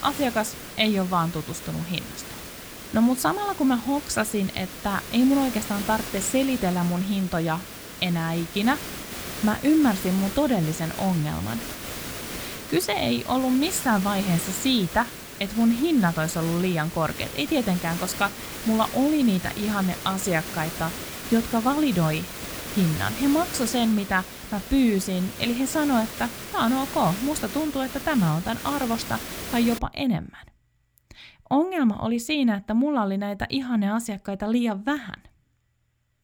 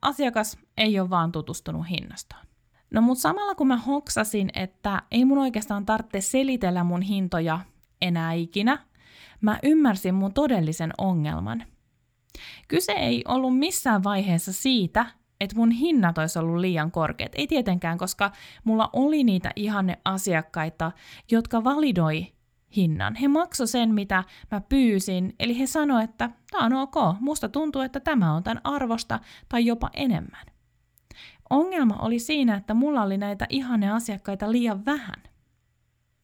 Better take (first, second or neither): second